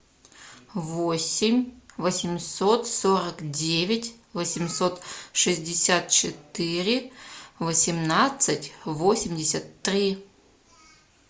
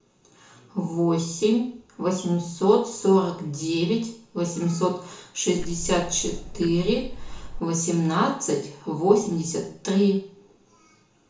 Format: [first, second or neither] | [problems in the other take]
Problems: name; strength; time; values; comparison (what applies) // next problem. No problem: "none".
first | background sound (Tick-tock); 9 dB below the speech // room echo; dies away in 0.6 s